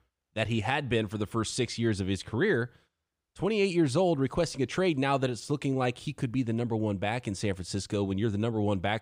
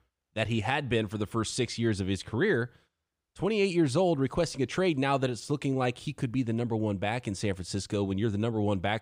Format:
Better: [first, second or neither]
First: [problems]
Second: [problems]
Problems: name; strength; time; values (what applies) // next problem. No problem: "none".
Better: neither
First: none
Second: none